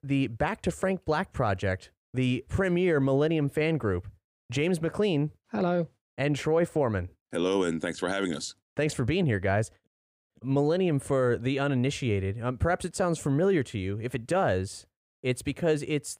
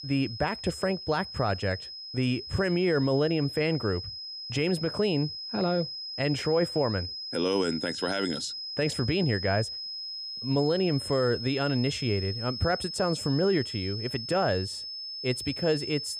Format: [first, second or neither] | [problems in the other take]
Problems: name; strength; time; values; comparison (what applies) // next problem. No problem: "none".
first | high-pitched whine; loud; throughout; 5 kHz, 6 dB below the speech